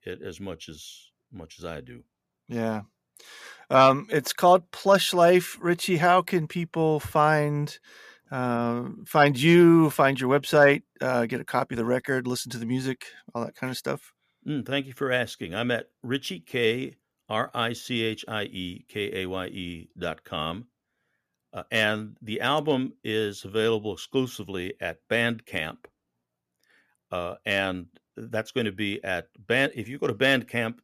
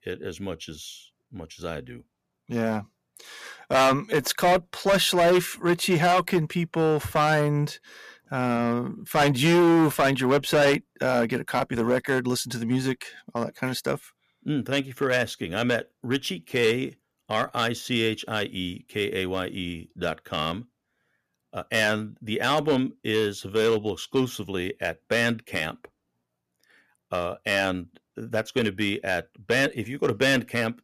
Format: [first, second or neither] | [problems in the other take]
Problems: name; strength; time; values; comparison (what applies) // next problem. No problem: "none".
first | distortion; heavy; 5% of the sound clipped